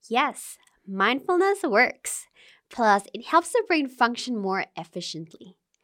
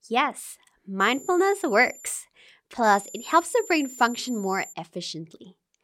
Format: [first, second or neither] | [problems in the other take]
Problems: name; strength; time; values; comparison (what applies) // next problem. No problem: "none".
first | high-pitched whine; noticeable; from 1 to 2 s and from 3 to 4.5 s; 7 kHz, 15 dB below the speech